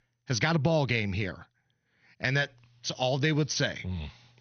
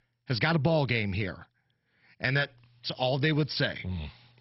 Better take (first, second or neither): first